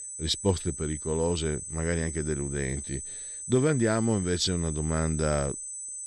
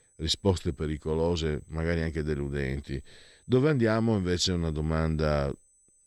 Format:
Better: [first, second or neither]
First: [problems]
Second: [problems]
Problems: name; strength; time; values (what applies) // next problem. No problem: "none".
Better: second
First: high-pitched whine; loud; throughout; 8 kHz, 7 dB below the speech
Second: high-pitched whine; faint; throughout; 8 kHz, 35 dB below the speech